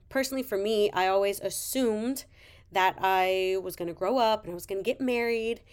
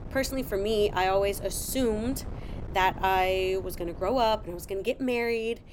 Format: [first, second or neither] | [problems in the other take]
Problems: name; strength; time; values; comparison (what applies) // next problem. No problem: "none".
first | wind noise on the microphone; occasional gusts; 20 dB below the speech